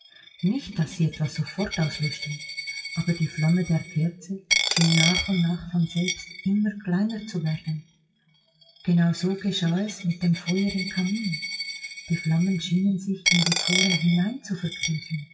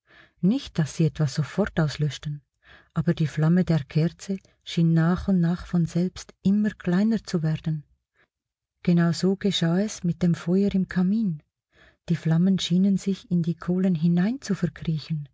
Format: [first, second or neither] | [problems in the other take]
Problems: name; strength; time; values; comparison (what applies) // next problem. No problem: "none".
second | noise reduction (classical method WPE with log-MMSE)